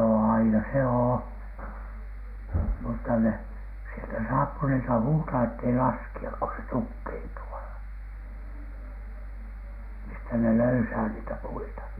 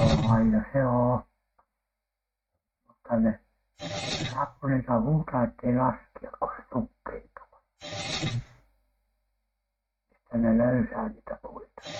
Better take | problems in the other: first | noise reduction (neural mask model RNNoise)

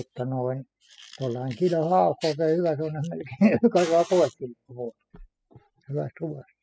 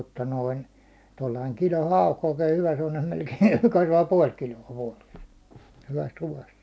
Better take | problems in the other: second | noise reduction (classical method spectral subtraction)

